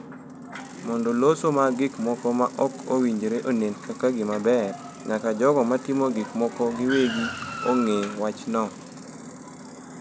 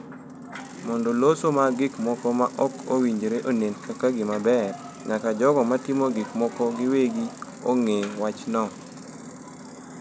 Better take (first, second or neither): second